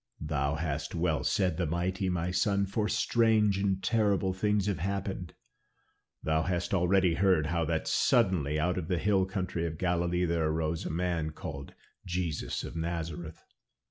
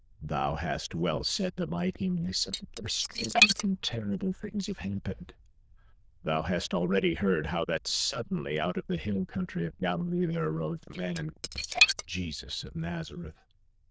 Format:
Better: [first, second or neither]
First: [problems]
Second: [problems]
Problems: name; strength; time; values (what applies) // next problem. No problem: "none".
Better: first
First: none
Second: noise reduction (neural diffusion model UNIVERSE++)